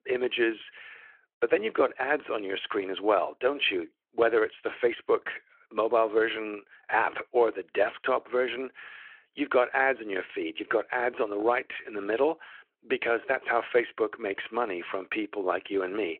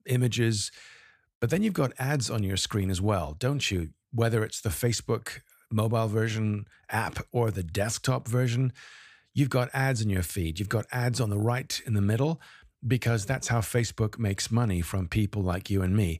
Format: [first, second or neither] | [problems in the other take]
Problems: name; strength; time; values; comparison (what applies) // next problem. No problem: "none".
second | phone-call audio